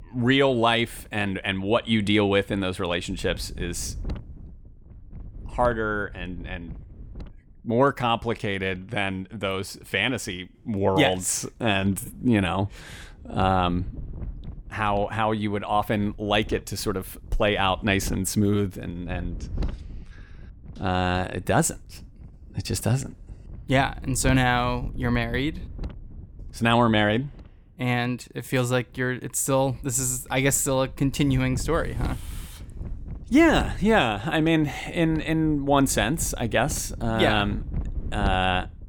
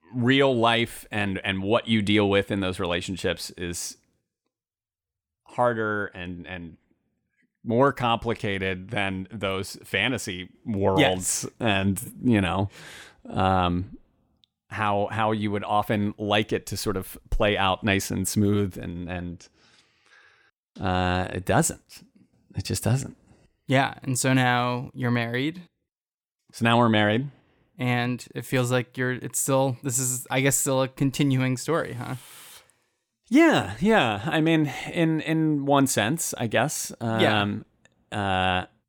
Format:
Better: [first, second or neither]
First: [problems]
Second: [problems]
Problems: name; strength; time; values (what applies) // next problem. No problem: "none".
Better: second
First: wind noise on the microphone; occasional gusts; 25 dB below the speech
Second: none